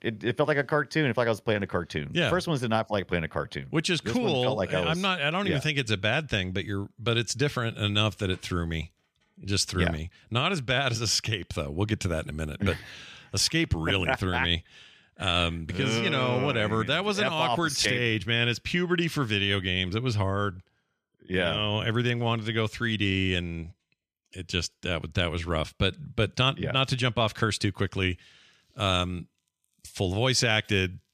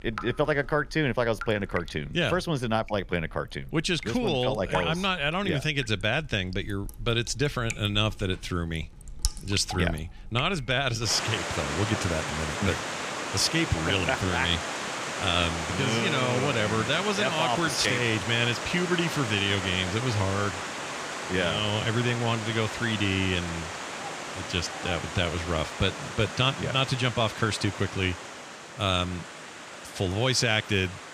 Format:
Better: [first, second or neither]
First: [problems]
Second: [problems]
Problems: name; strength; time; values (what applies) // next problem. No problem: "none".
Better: first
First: none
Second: rain or running water; loud; throughout; 7 dB below the speech